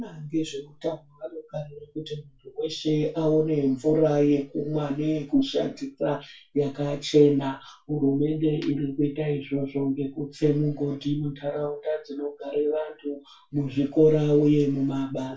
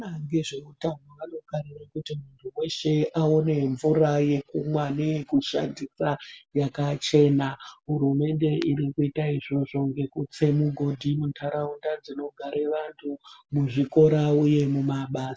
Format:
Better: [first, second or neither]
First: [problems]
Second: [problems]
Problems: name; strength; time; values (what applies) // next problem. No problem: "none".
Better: second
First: room echo; dies away in 0.2 s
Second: none